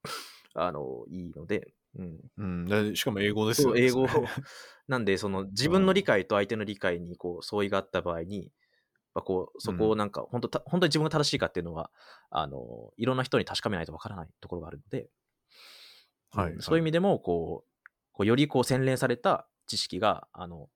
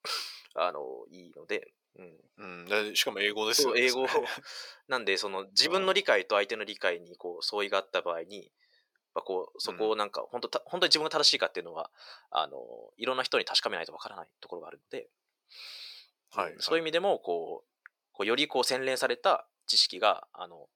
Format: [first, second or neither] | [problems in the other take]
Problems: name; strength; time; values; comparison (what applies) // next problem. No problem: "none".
first | thin; very; fading below 550 Hz